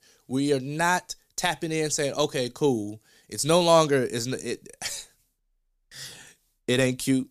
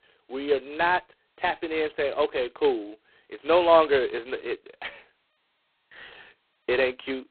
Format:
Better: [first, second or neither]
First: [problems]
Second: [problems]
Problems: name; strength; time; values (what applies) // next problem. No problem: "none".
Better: first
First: none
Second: phone-call audio; poor line; nothing above 4 kHz